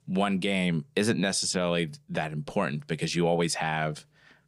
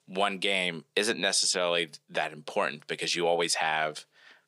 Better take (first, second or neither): first